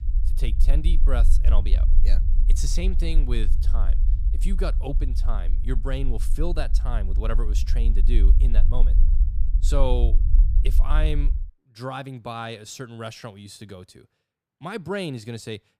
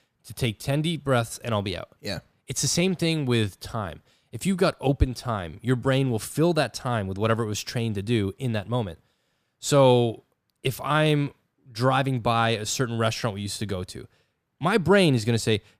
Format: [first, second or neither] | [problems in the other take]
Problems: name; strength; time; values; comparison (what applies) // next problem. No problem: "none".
second | low rumble; noticeable; until 11 s; 10 dB below the speech